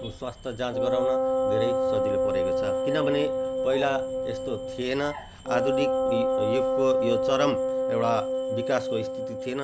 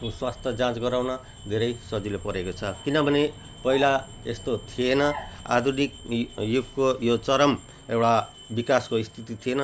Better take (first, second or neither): second